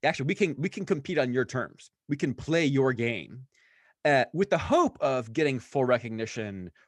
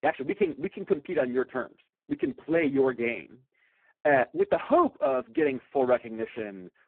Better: first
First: none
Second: phone-call audio; poor line

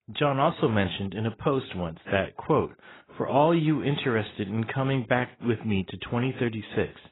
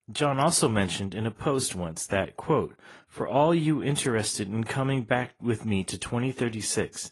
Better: second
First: garbled, watery; badly; nothing above 4 kHz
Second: garbled, watery; slightly; nothing above 11 kHz

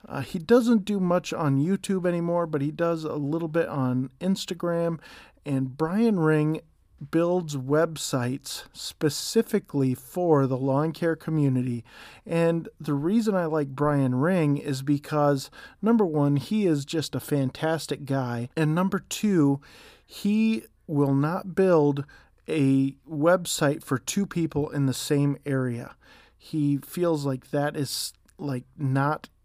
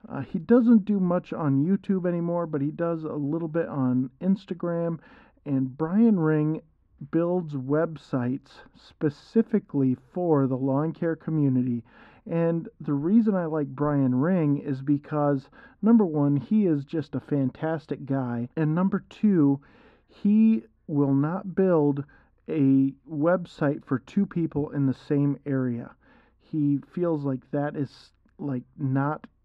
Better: first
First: none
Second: muffled; very; fading above 2 kHz

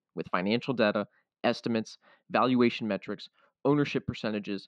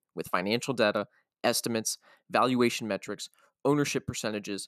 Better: second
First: muffled; slightly; fading above 3.5 kHz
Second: none

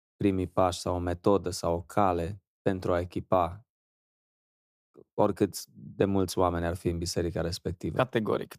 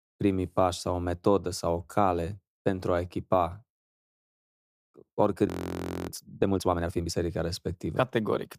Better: first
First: none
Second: audio freezing; at 5.5 s for 0.5 s

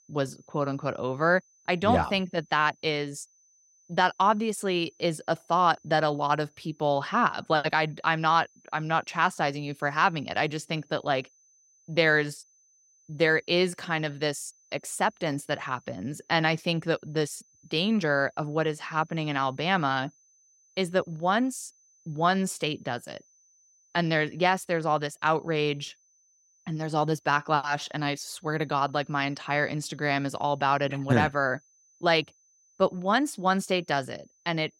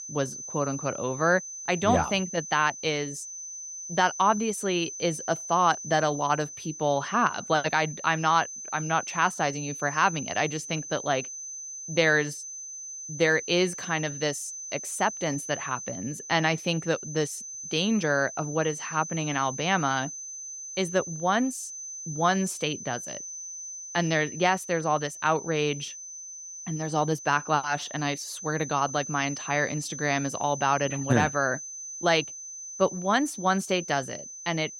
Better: first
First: high-pitched whine; faint; throughout; 6 kHz, 35 dB below the speech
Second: high-pitched whine; loud; throughout; 6 kHz, 10 dB below the speech

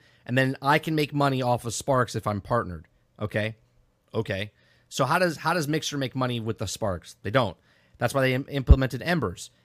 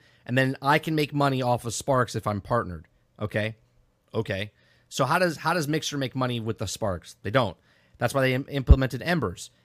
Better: neither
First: none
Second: none

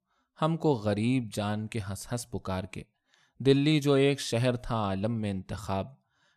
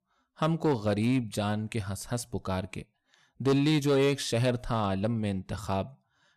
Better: first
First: none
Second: distortion; slight; 3% of the sound clipped

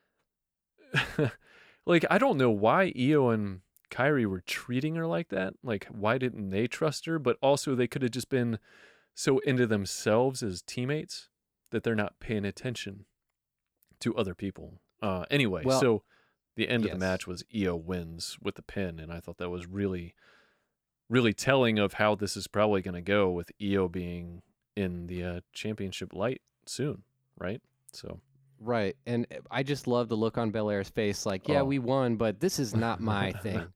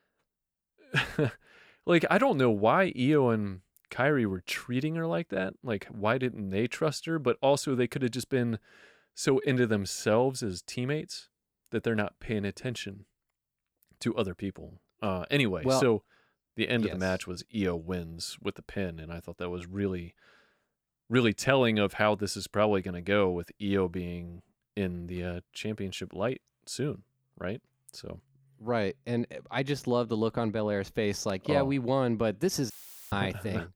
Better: first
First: none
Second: audio cutting out; filled with static; at 33 s

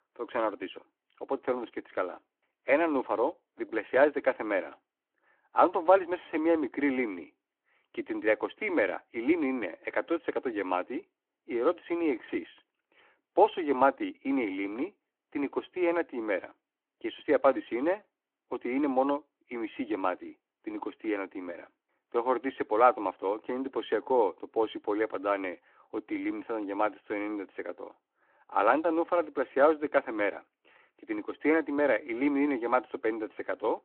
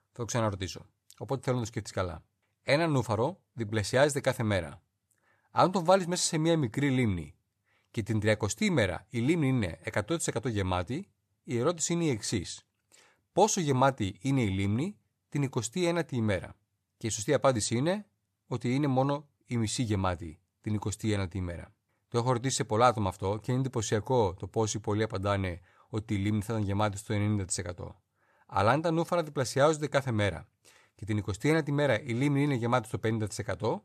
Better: second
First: phone-call audio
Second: none

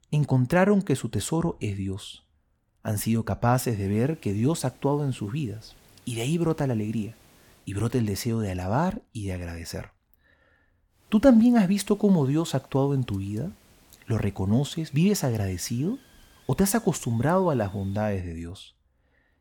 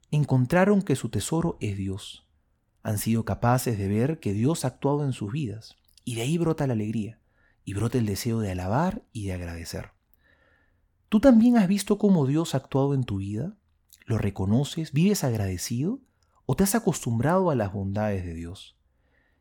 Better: second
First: hiss; faint; from 4 to 7.5 s and from 11 to 18 s; 30 dB below the speech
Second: none

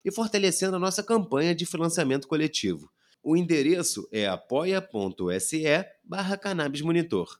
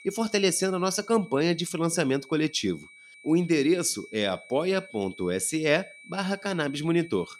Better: first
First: none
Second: high-pitched whine; faint; throughout; 2.5 kHz, 20 dB below the speech

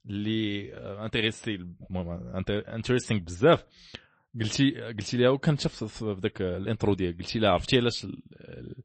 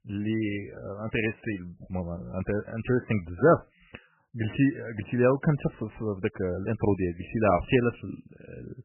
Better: first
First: garbled, watery; slightly; nothing above 8 kHz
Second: garbled, watery; badly; nothing above 3 kHz

